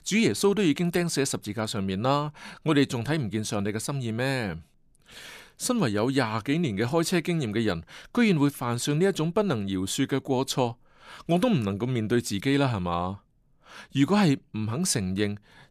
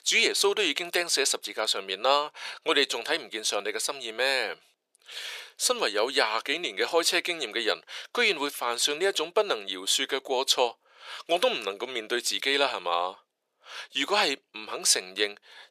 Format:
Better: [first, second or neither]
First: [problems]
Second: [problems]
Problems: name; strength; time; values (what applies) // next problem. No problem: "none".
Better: first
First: none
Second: thin; very; fading below 450 Hz